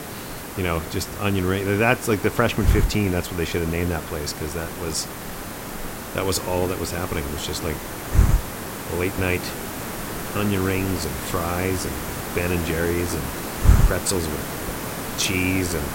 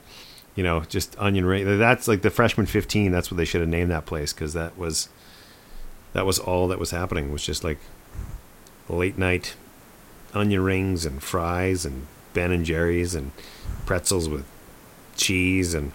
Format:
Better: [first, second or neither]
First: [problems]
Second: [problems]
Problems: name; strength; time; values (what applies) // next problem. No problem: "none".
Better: second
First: hiss; loud; throughout; 3 dB below the speech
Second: hiss; faint; throughout; 25 dB below the speech